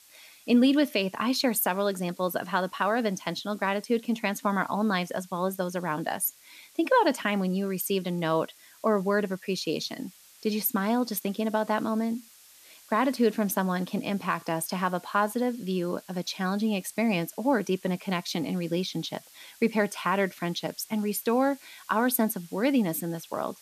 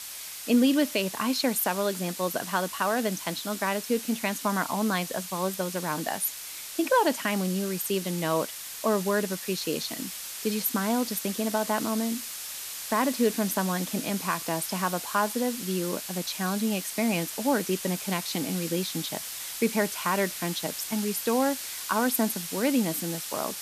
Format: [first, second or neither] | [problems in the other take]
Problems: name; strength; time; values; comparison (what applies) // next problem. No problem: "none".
first | hiss; loud; throughout; 6 dB below the speech; faint in the first